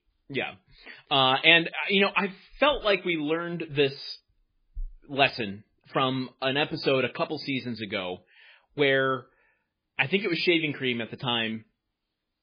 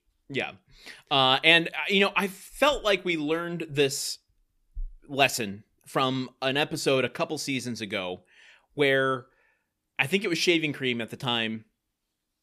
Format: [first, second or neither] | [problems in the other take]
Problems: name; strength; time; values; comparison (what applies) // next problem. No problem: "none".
second | garbled, watery; badly; nothing above 5 kHz